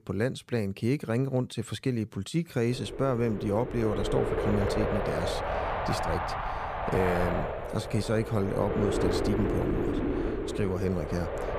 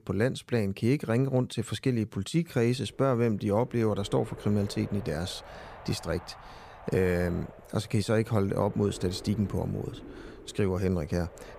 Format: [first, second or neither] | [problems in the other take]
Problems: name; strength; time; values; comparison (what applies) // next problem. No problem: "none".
second | wind noise on the microphone; heavy; from 2.5 s on; 2 dB above the speech; occasional gusts in the second